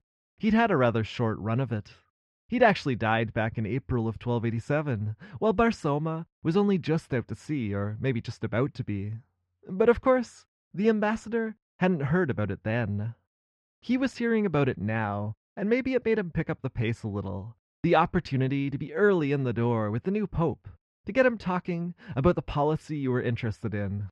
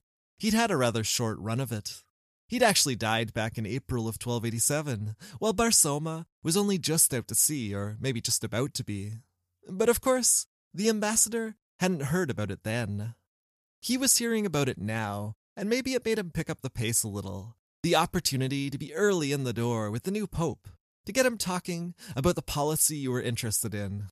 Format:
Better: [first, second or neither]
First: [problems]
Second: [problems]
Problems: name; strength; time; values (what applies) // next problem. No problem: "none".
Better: second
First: muffled; very; fading above 2.5 kHz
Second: none